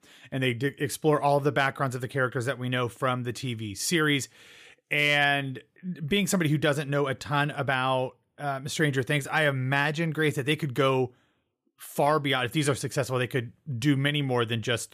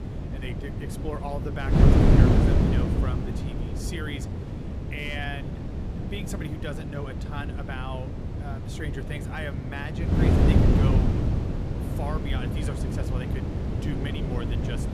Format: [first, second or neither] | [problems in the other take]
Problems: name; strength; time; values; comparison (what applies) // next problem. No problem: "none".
first | wind noise on the microphone; heavy; 3 dB above the speech